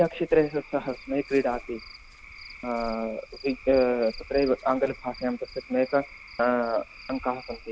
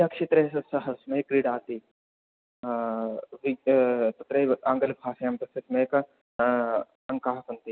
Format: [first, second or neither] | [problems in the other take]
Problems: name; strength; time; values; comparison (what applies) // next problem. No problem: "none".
second | background sound (Cricket / Frog); 17 dB below the speech